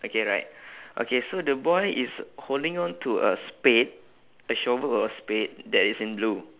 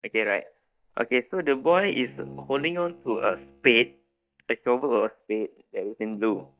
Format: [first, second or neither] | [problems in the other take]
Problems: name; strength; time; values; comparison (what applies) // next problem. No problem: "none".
first | noise reduction (neural mask model DeepFilterNet 3)